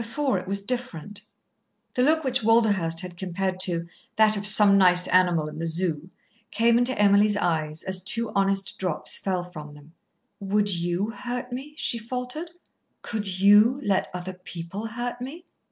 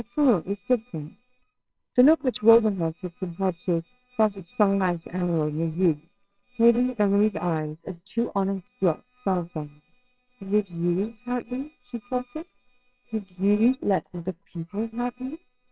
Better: first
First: none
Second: noise reduction (neural separator model SepFormer WHAMR!)

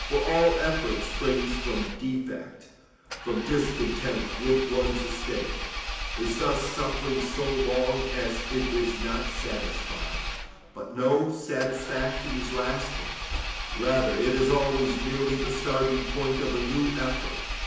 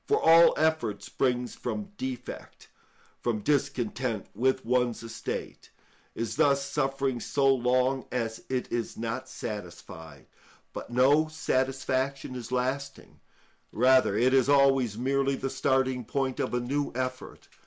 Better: second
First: background sound (Engine); 5 dB below the speech // room echo; dies away in 0.9 s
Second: none

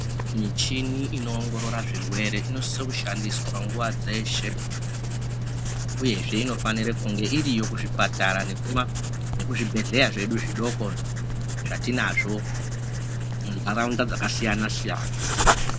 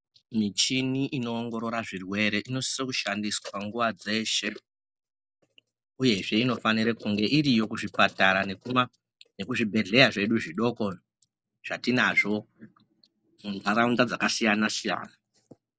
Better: second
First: background sound (Writing); 1 dB above the speech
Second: none

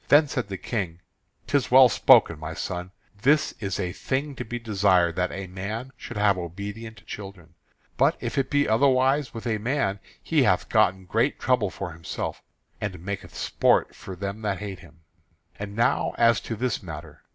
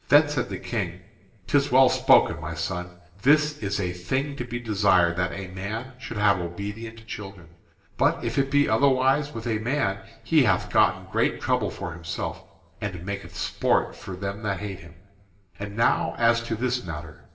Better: first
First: none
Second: room echo; dies away in 1.3 s

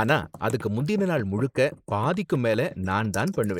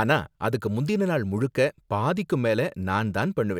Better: second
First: noise reduction (neural mask model Resemble Enhance denoiser)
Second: none

